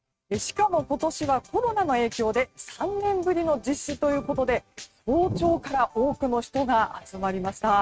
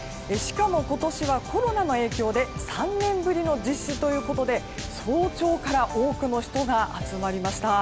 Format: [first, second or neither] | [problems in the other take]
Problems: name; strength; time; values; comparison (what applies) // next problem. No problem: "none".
second | noise reduction (neural mask model RNNoise)